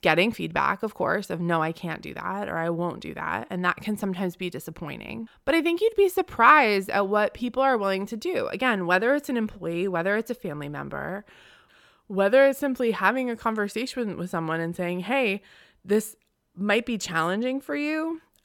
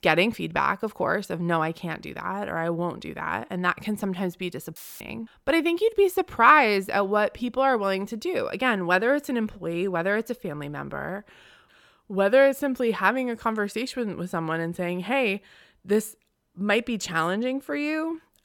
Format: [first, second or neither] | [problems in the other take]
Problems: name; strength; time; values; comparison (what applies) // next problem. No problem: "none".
first | audio cutting out; filled with static; at 5 s